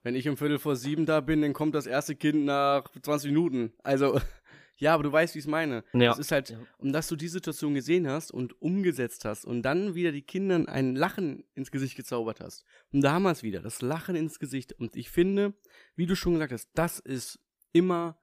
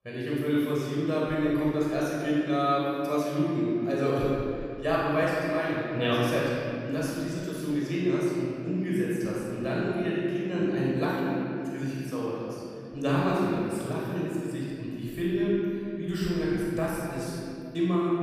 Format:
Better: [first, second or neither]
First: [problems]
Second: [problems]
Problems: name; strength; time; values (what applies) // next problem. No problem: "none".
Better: first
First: none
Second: room echo; strong; dies away in 2.4 s // off-mic speech; far